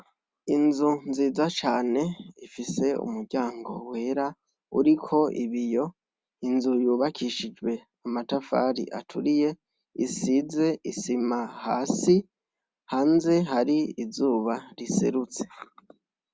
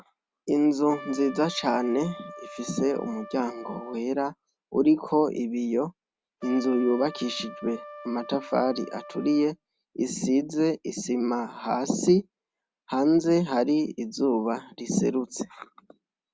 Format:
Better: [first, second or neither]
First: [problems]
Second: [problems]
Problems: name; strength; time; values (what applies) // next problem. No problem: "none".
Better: first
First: none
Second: background sound (Trumpet); 16 dB below the speech